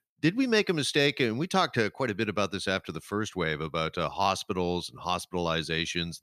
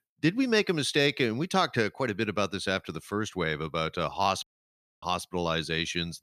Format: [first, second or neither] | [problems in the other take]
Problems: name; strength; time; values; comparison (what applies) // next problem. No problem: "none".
first | audio cutting out; at 4.5 s for 0.5 s